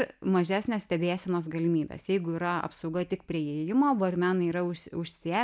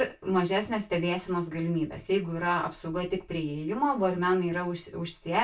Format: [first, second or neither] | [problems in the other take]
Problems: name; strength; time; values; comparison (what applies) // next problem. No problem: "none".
first | room echo; dies away in 0.2 s